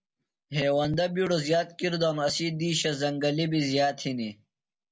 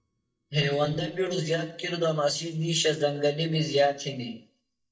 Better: first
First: none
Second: noise reduction (neural mask model DeepFilterNet 3)

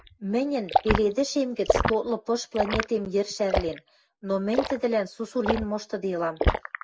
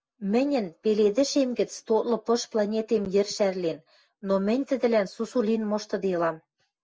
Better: second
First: background sound (Liquid); 2 dB below the speech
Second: none

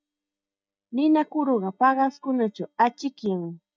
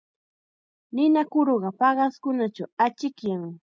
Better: second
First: noise reduction (neural mask model DeepFilterNet 3)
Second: none

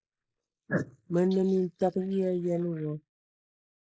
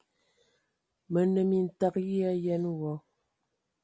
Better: second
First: noise reduction (neural mask model Resemble Enhance denoiser)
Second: none

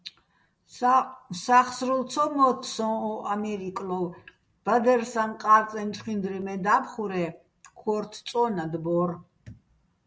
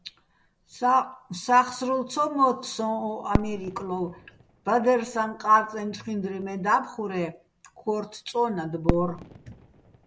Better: first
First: none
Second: background sound (Fireworks); 10 dB below the speech

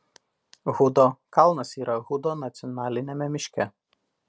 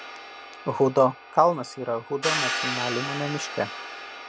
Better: first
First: none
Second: background sound (Hi-hat); 6 dB below the speech

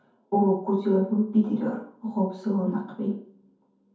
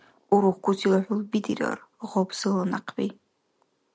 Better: second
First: room echo; dies away in 0.6 s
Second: none

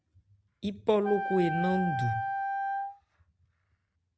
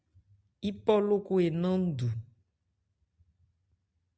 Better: second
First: background sound (Wind instrument, woodwind instrument); 2 dB below the speech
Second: none

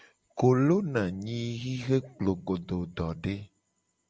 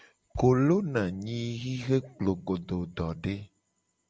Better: first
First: none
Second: background sound (Bass drum); 19 dB below the speech

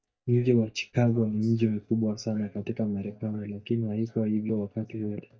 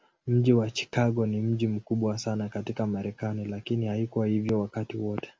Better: second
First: noise reduction (neural mask model DeepFilterNet 3)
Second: none

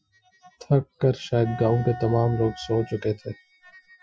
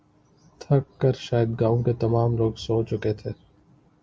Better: second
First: noise reduction (classical method Wiener filter)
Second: none

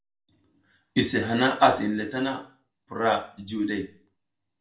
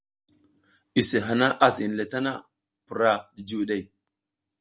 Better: second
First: room echo; dies away in 0.3 s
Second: none

